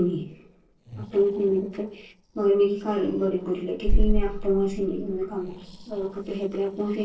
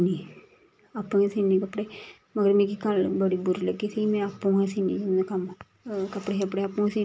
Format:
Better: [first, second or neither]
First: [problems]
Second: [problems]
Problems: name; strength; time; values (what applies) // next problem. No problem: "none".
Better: second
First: noise reduction (neural separator model SepFormer DNS4)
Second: none